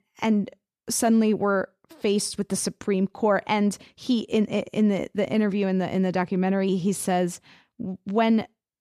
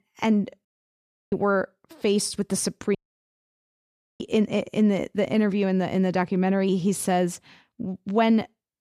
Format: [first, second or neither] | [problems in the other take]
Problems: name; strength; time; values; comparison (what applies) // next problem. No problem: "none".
first | audio cutting out; at 0.5 s for 0.5 s and at 3 s for 1.5 s